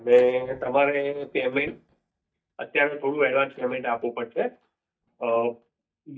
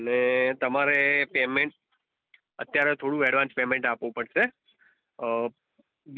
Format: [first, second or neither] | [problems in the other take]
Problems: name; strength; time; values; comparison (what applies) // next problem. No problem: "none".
second | noise reduction (neural mask model DeepFilterNet 3)